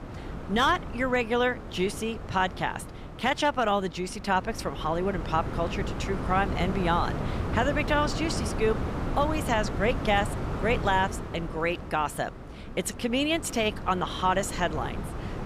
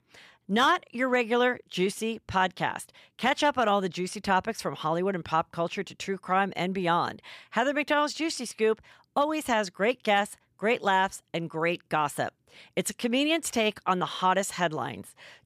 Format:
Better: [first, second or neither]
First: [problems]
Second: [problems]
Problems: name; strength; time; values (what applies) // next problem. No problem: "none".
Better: second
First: wind noise on the microphone; occasional gusts; 10 dB below the speech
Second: none